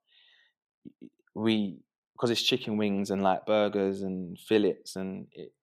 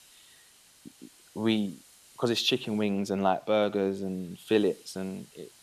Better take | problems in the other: first | hiss; faint; throughout; 25 dB below the speech

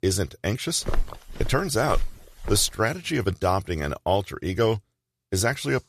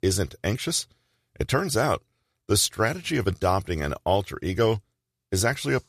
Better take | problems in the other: second | footsteps; noticeable; from 1 to 2.5 s; peak 7 dB below the speech

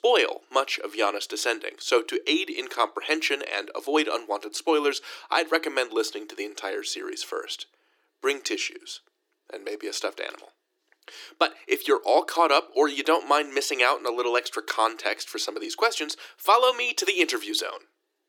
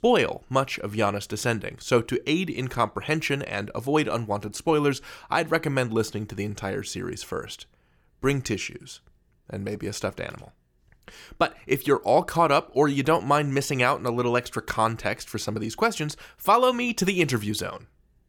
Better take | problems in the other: second | thin; somewhat; fading below 300 Hz

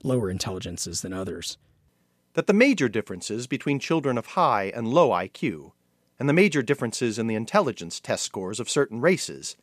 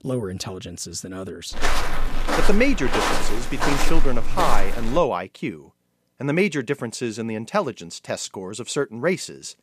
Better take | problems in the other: first | footsteps; loud; from 1.5 to 5 s; peak 3 dB above the speech

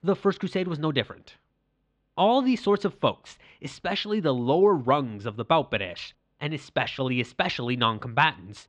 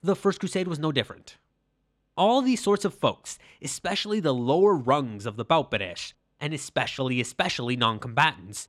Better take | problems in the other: second | muffled; very slightly; fading above 4 kHz

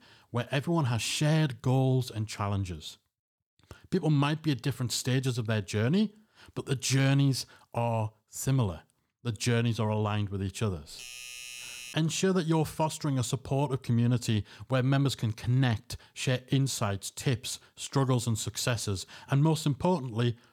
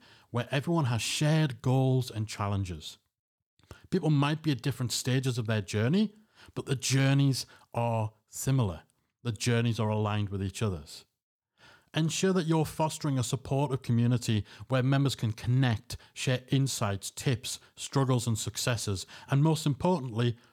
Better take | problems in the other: second | doorbell; faint; from 11 to 12 s; peak 10 dB below the speech

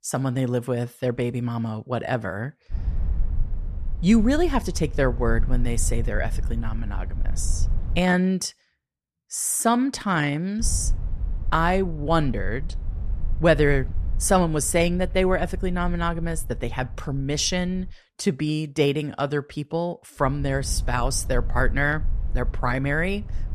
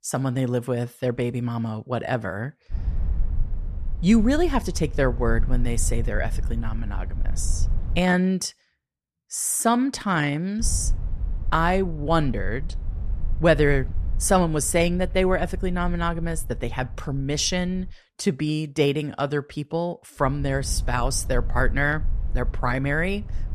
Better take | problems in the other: neither | low rumble; faint; from 2.5 to 8 s, from 11 to 18 s and from 20 s on; 25 dB below the speech; the same in both

